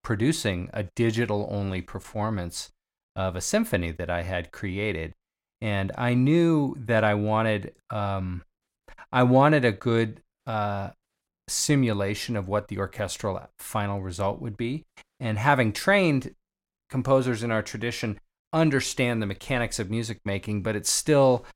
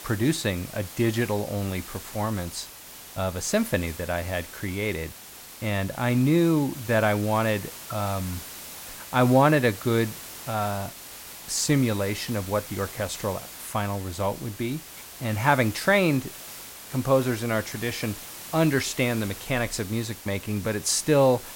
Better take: first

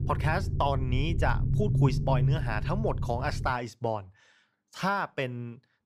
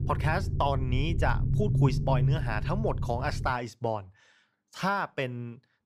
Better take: neither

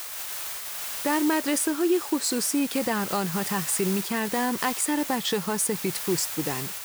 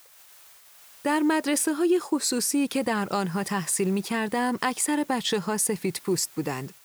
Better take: second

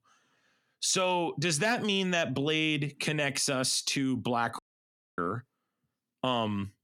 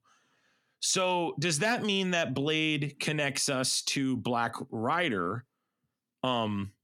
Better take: second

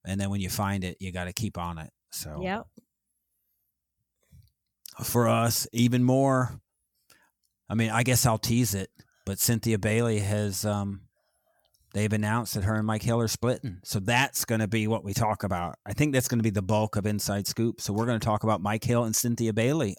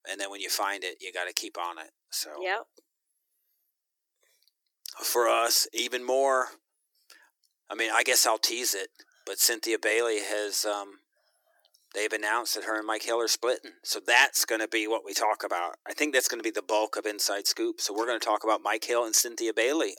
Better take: first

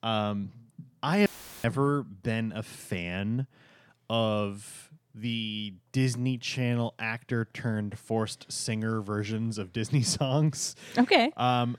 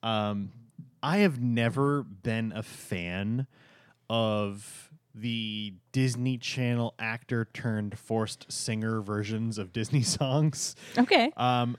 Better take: second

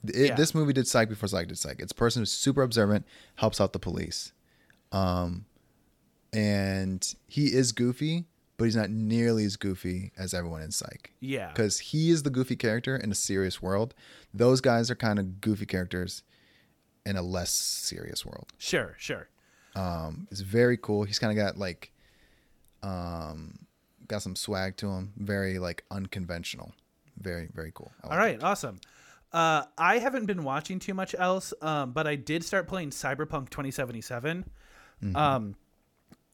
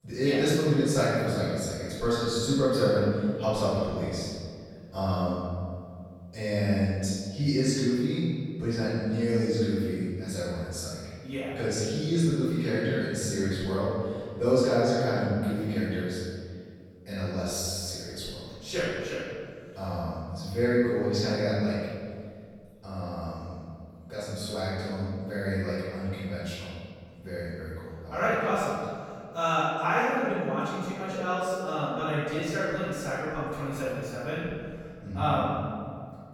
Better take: first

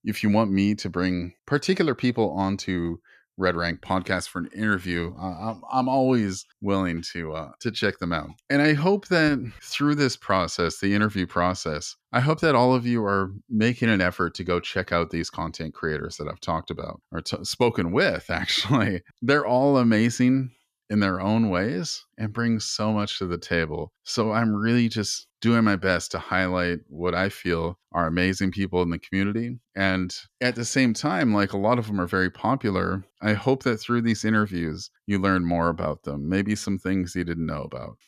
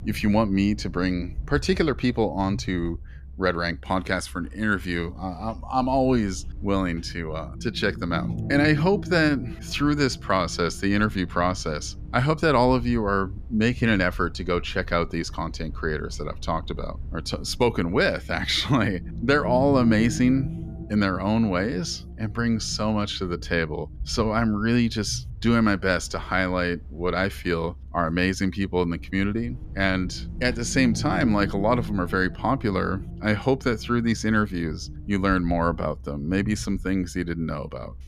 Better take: first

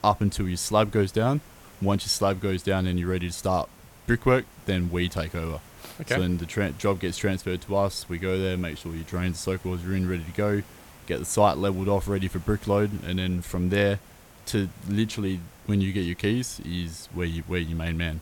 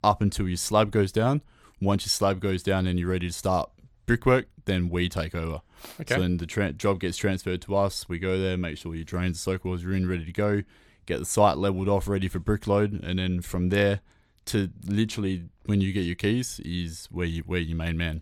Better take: second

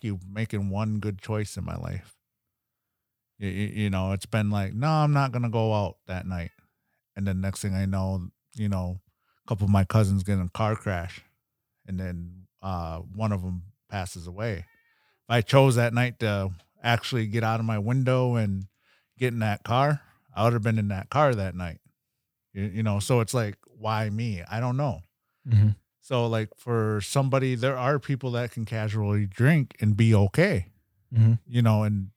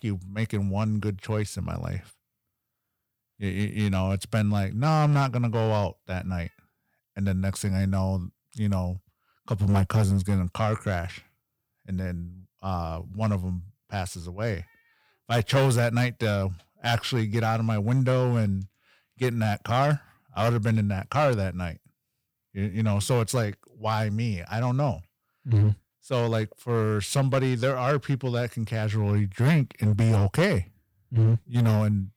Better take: first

